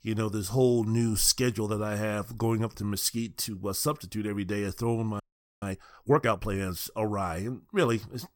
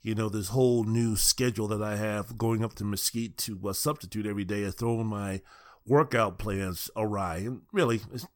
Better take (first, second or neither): second